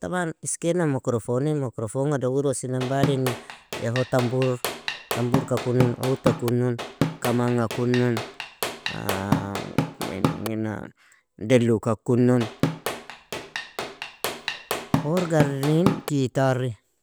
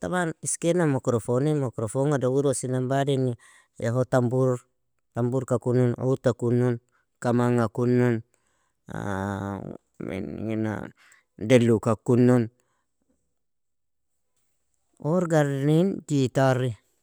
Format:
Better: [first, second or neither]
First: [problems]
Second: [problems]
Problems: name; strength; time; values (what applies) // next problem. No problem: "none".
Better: second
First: background sound (Drum / Drum kit); 4 dB below the speech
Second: none